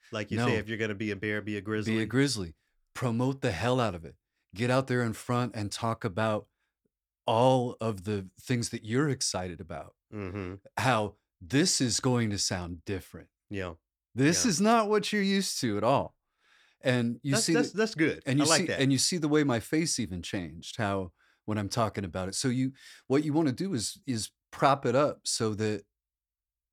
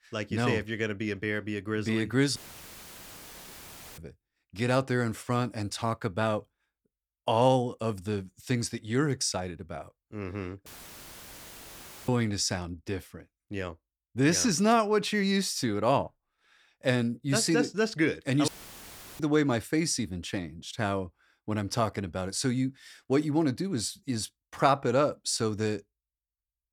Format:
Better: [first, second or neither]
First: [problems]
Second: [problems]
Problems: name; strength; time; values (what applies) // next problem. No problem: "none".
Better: first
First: none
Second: audio cutting out; filled with static; at 2.5 s for 1.5 s, at 11 s for 1.5 s and at 18 s for 0.5 s